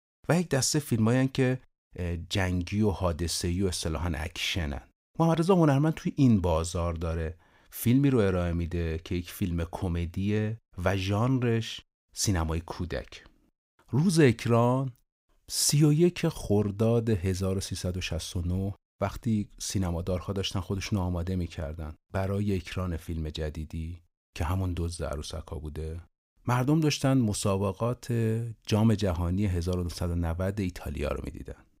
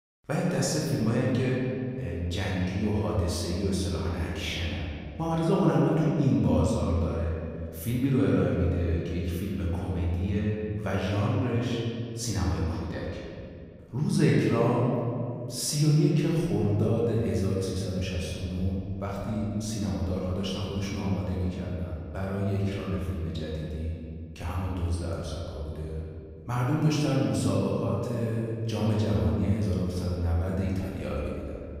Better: first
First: none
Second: room echo; noticeable; dies away in 2.2 s // off-mic speech; far

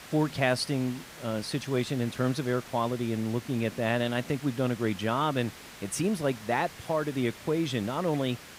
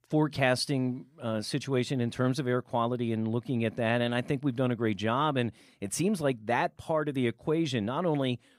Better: second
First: hiss; noticeable; throughout; 15 dB below the speech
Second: none

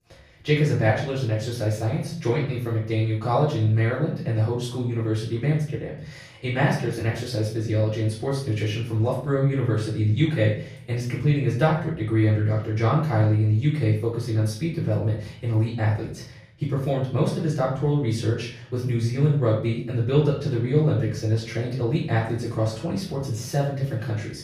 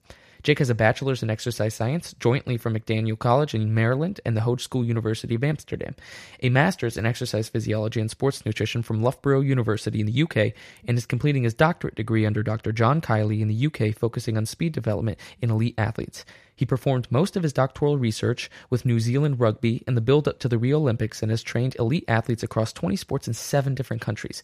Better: second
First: room echo; noticeable; dies away in 0.5 s // off-mic speech; far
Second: none

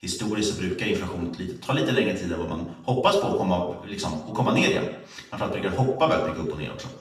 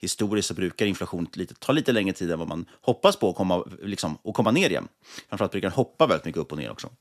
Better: second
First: room echo; noticeable; dies away in 0.7 s // off-mic speech; far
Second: none

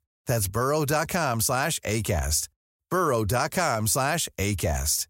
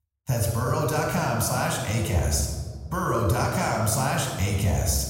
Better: first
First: none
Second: off-mic speech; somewhat distant // room echo; noticeable; dies away in 1.7 s

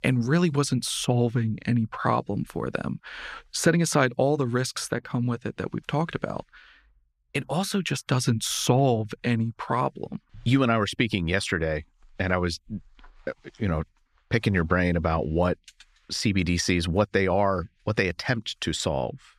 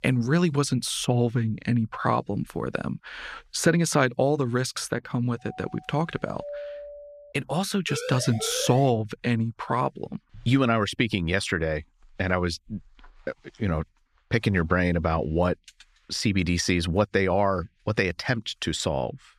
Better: first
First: none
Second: doorbell; faint; from 5.5 to 7.5 s; peak 10 dB below the speech // siren; noticeable; from 8 to 9 s; peak 7 dB below the speech

